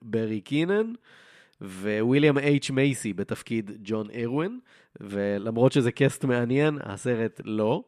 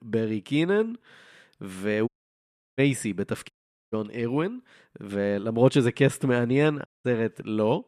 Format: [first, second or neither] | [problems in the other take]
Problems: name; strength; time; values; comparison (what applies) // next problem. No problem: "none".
first | audio cutting out; at 2 s for 0.5 s, at 3.5 s and at 7 s